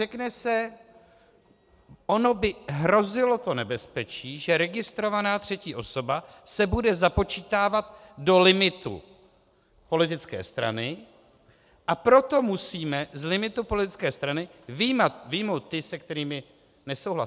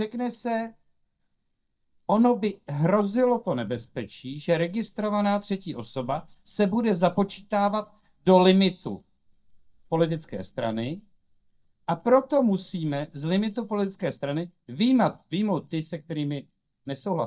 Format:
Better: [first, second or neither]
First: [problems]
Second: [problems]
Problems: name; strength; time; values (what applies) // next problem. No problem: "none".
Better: first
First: none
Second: noise reduction (neural mask model DeepFilterNet 3)